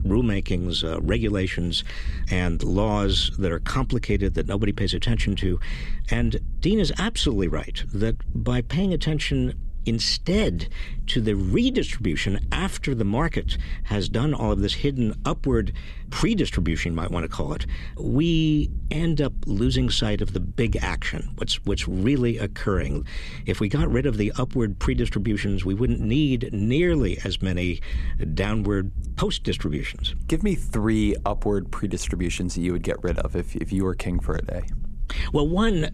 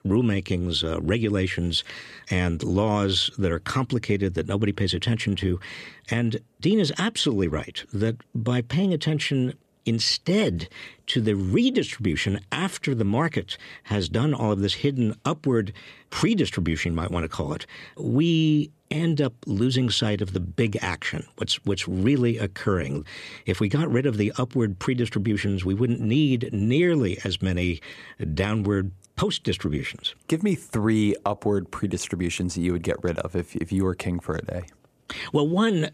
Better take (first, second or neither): second